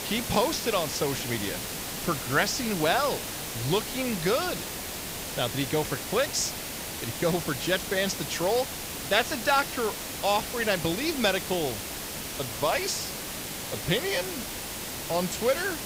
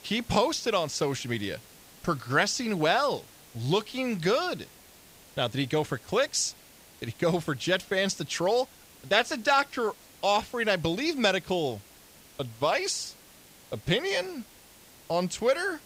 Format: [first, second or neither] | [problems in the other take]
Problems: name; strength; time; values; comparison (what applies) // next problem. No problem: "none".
second | hiss; loud; throughout; 5 dB below the speech; faint in the second